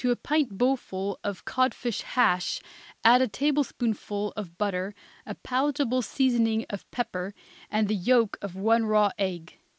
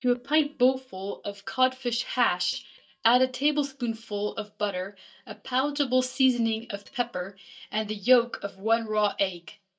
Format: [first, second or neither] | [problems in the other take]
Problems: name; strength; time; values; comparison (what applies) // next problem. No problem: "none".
first | noise reduction (neural mask model DeepFilterNet 3)